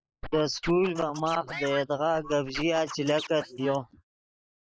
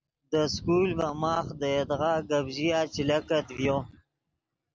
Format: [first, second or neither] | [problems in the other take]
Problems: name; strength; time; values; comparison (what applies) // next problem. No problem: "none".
second | noise reduction (neural mask model Resemble Enhance denoiser)